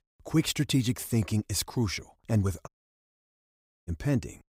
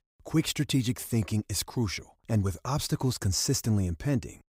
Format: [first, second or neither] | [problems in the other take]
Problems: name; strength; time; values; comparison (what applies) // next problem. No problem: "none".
second | audio cutting out; at 2.5 s for 1 s